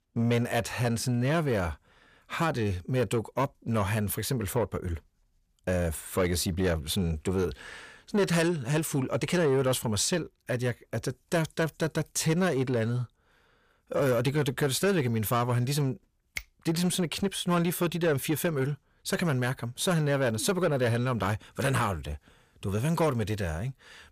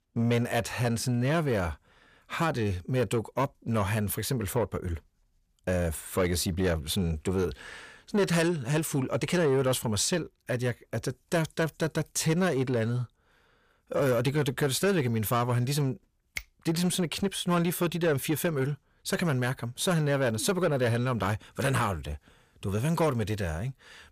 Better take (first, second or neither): neither